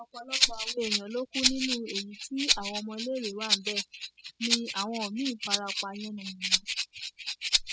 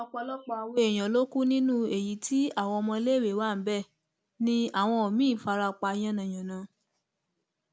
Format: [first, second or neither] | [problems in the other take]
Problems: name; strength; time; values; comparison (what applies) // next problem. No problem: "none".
second | noise reduction (classical method spectral subtraction)